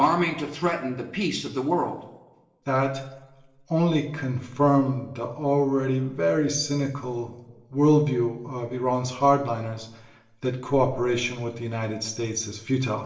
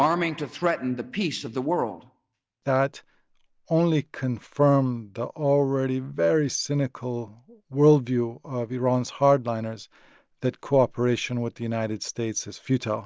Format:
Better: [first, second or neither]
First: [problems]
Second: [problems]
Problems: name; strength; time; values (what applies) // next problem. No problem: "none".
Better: second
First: room echo; dies away in 0.8 s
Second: none